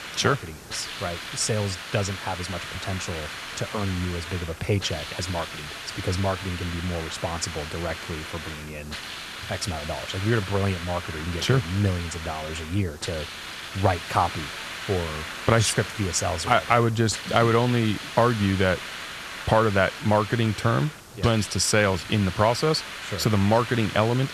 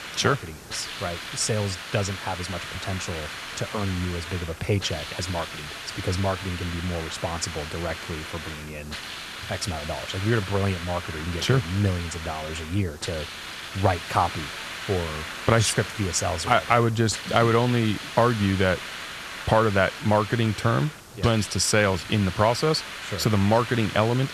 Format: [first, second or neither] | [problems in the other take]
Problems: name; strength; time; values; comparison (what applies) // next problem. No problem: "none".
neither | hiss; loud; throughout; 9 dB below the speech; the same in both